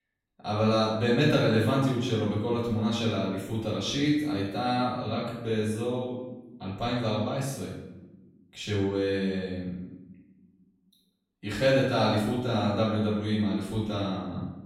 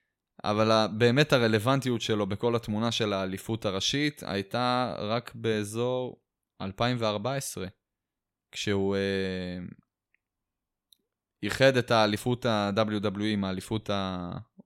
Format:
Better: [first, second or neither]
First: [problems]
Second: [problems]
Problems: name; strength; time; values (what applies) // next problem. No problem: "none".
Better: second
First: off-mic speech; far // room echo; noticeable; dies away in 1.1 s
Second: none